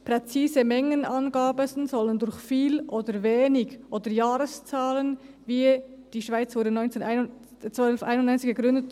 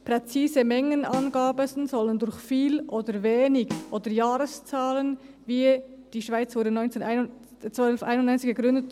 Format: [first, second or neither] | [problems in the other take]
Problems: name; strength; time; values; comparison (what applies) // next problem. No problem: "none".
first | background sound (Snare drum); 14 dB below the speech